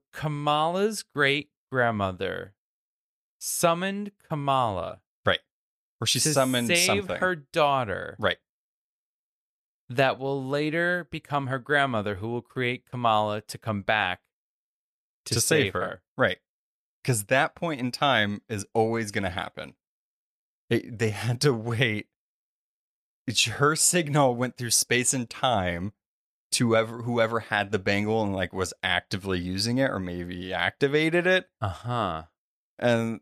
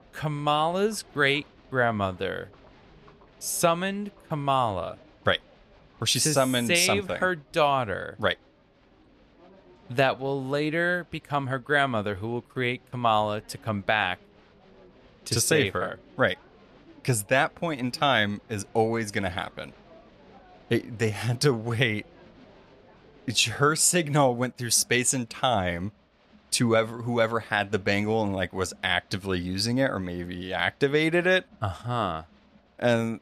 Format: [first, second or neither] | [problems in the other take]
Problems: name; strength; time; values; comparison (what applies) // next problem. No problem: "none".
first | crowd noise; faint; throughout; 30 dB below the speech